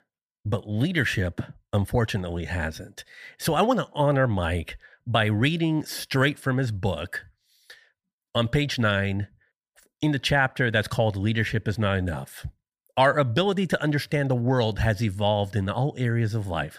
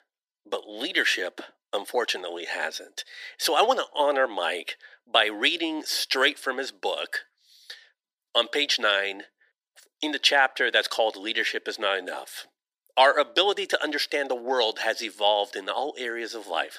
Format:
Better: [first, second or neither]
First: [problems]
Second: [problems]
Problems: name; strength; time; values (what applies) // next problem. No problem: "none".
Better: first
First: none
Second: thin; very; fading below 350 Hz